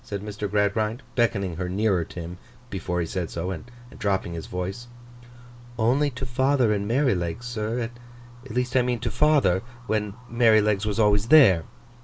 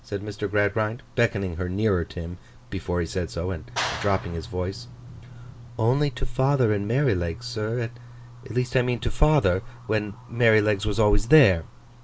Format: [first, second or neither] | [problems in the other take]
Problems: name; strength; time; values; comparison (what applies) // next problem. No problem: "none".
first | background sound (Clapping); 11 dB below the speech